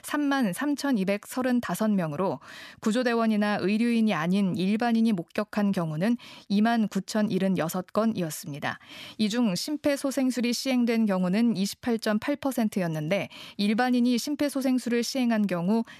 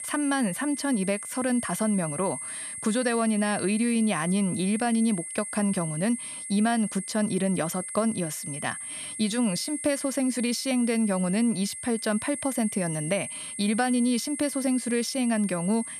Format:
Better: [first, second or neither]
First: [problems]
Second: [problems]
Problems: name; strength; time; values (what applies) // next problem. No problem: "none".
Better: first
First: none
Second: high-pitched whine; loud; throughout; 8.5 kHz, 7 dB below the speech